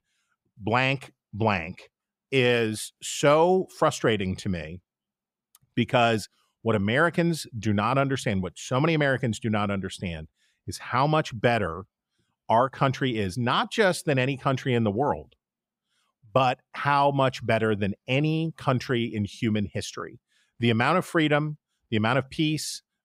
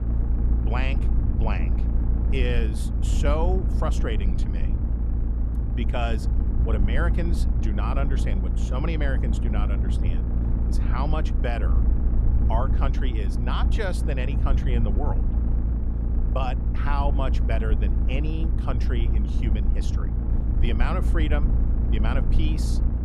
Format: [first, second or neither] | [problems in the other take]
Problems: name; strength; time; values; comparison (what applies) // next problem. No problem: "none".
first | low rumble; loud; throughout; 6 dB below the speech